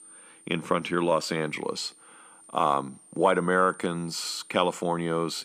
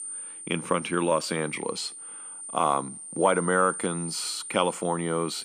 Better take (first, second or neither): first